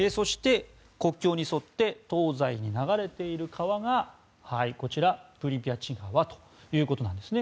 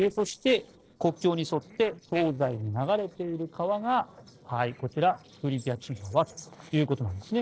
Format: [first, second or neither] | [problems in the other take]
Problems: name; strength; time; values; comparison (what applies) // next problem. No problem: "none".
first | noise reduction (neural separator model SepFormer DNS4)